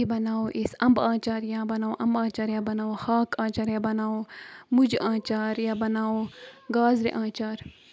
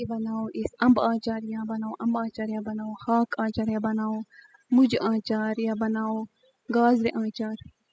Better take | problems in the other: first | noise reduction (classical method spectral subtraction)

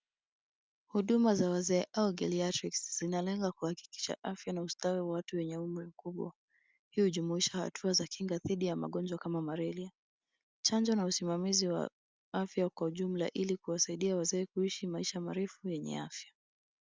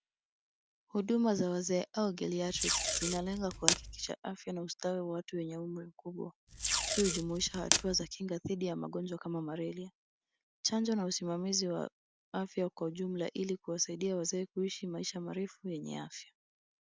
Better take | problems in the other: first | background sound (Packing tape, duct tape); 1 dB above the speech

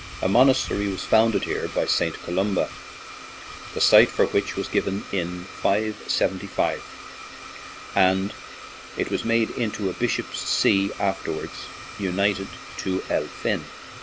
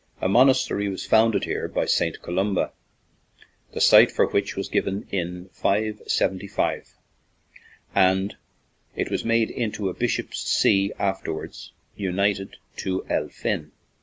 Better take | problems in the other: second | background sound (Domestic sounds, home sounds); 14 dB below the speech

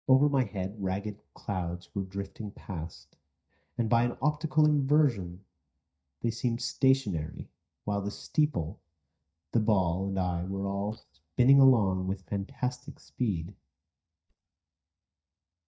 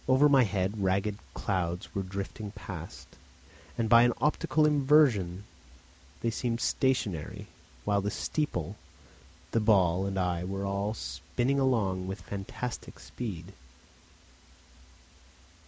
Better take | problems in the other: second | noise reduction (neural mask model DeepFilterNet 3)

